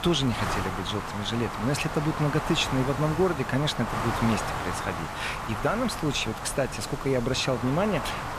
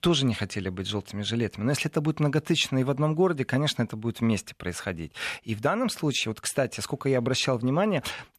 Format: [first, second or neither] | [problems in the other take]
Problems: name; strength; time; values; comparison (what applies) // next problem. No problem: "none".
second | wind noise on the microphone; heavy; 2 dB below the speech